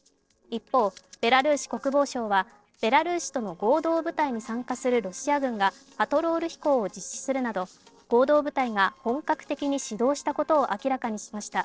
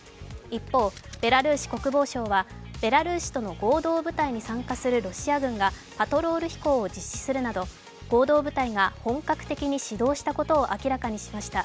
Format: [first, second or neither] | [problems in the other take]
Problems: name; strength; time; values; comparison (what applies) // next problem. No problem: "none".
second | noise reduction (neural separator model SepFormer DNS4)